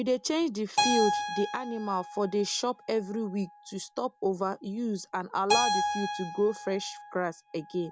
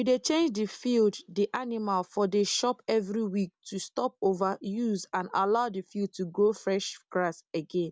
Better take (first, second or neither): second